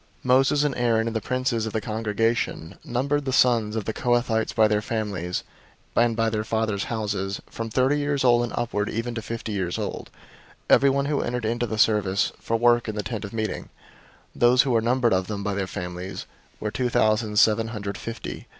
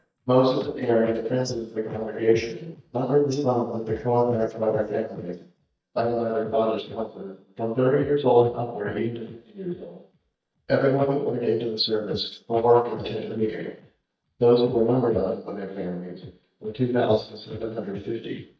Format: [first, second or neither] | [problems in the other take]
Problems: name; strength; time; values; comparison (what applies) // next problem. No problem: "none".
first | noise reduction (neural mask model DeepFilterNet 3)